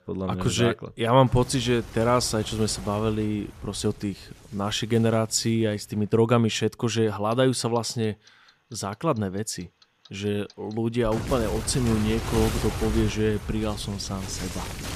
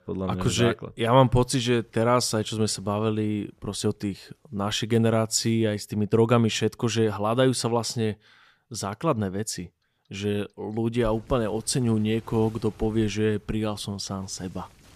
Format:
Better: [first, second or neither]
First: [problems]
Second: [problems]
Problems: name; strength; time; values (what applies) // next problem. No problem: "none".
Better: second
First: household noises; loud; throughout; 10 dB below the speech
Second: household noises; faint; throughout; 30 dB below the speech